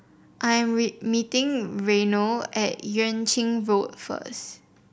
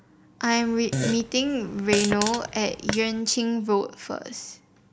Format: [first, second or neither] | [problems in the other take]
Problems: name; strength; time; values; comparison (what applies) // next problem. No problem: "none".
first | background sound (Fart); 6 dB below the speech